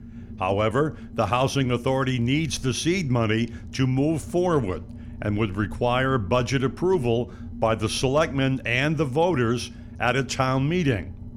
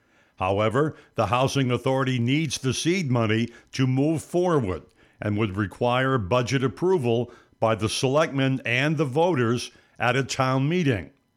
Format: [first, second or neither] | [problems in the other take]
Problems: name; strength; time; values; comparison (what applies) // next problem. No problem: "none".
second | low rumble; faint; throughout; 25 dB below the speech